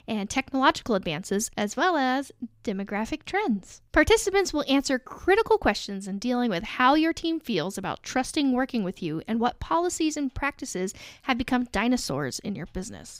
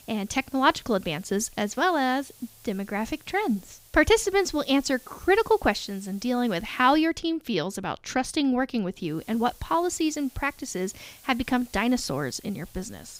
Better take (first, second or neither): first